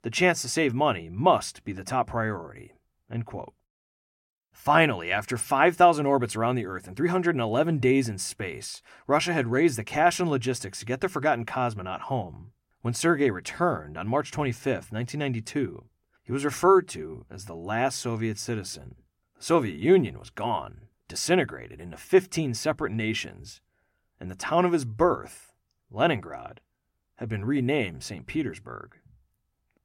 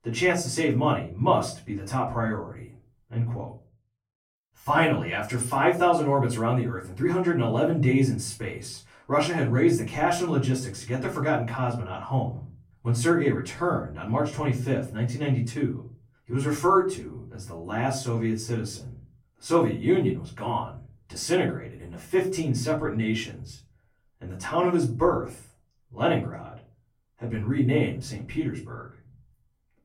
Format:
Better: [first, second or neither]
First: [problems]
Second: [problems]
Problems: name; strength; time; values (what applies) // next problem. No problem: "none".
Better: first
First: none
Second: room echo; slight; dies away in 0.4 s // off-mic speech; far